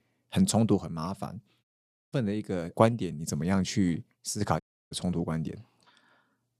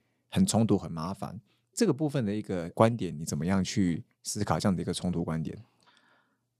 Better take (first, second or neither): second